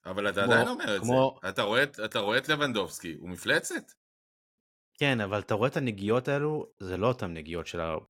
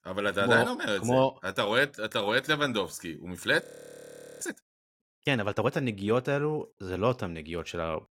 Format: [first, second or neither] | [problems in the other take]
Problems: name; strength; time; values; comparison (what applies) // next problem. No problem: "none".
first | audio freezing; at 3.5 s for 1 s